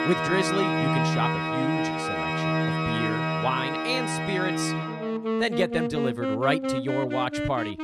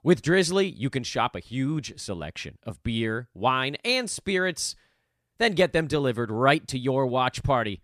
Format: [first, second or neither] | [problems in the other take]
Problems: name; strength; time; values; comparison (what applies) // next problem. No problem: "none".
second | background music; very loud; throughout; 2 dB above the speech